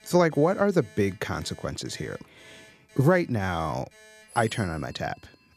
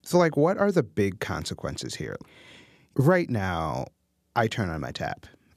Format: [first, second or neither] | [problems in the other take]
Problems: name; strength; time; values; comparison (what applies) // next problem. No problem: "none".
second | alarms or sirens; faint; throughout; 25 dB below the speech